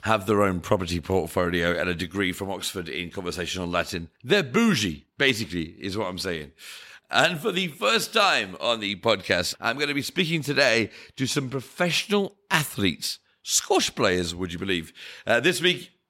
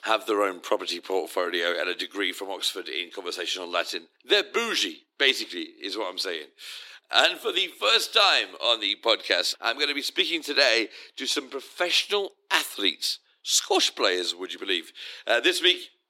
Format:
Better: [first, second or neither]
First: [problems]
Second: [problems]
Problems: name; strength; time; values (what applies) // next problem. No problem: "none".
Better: first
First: none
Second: thin; somewhat; fading below 300 Hz